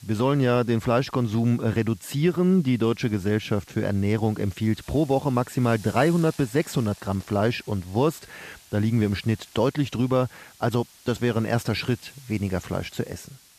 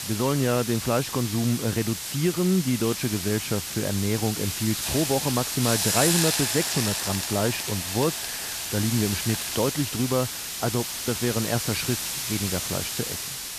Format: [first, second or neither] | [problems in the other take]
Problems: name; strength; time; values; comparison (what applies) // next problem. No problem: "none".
first | hiss; loud; throughout; 1 dB below the speech; faint in the first